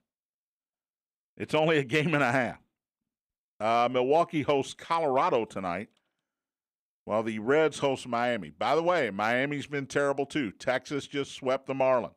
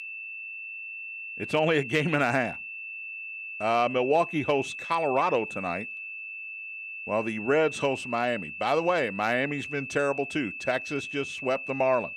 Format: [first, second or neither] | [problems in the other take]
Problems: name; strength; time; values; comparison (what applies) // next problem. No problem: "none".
first | high-pitched whine; loud; throughout; 2.5 kHz, 8 dB below the speech